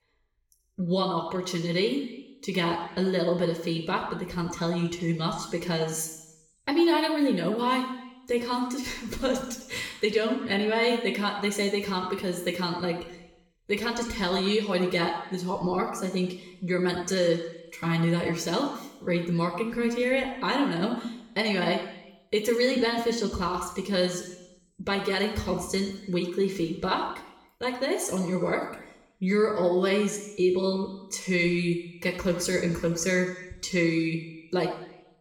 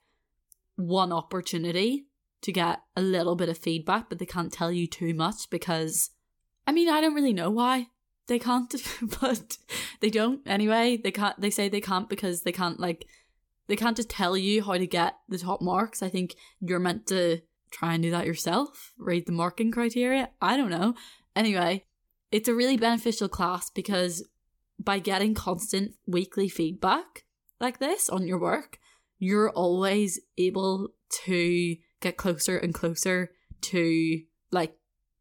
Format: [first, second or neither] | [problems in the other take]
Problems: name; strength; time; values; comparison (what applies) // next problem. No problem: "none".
second | room echo; slight; dies away in 0.9 s // off-mic speech; somewhat distant